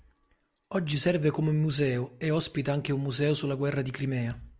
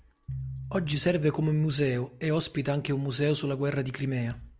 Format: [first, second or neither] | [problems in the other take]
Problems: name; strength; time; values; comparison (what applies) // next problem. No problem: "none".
first | background sound (Piano); 15 dB below the speech